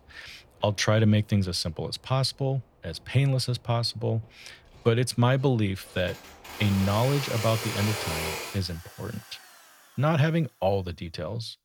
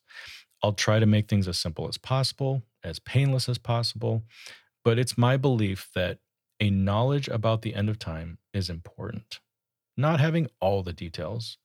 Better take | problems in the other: second | machinery noise; loud; throughout; 8 dB below the speech

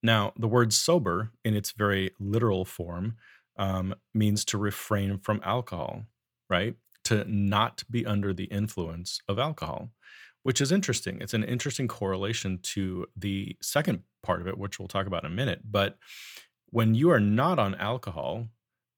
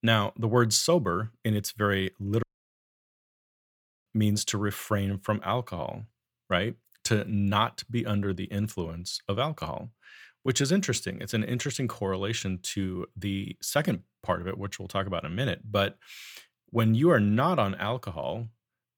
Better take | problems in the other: first | audio cutting out; at 2.5 s for 1.5 s

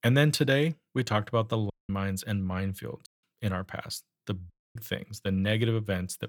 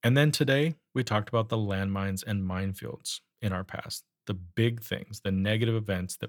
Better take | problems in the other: second | audio cutting out; at 1.5 s, at 3 s and at 4.5 s

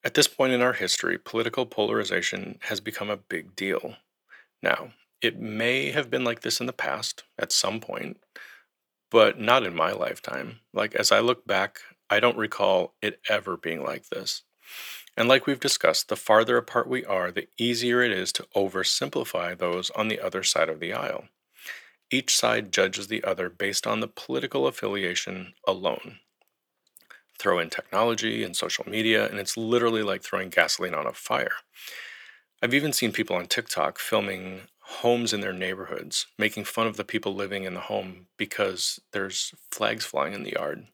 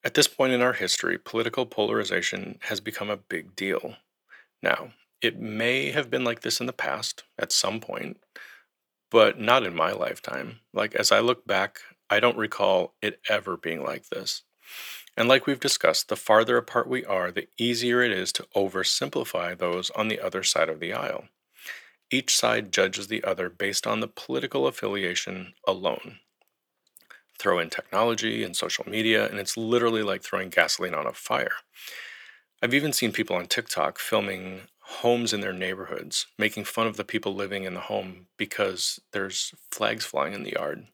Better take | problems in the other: neither | thin; somewhat; fading below 400 Hz; the same in both

